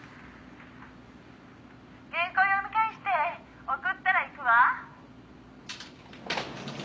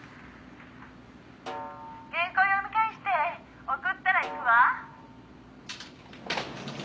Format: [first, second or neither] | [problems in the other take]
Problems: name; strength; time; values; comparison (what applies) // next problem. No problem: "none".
first | background sound (Snare drum); 16 dB below the speech